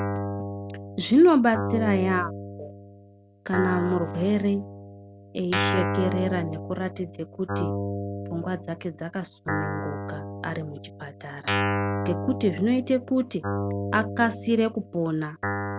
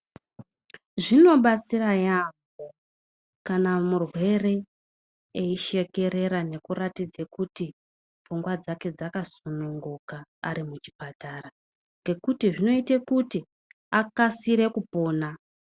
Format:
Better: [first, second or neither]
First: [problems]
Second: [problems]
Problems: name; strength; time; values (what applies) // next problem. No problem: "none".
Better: second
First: background sound (Guitar); 4 dB below the speech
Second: none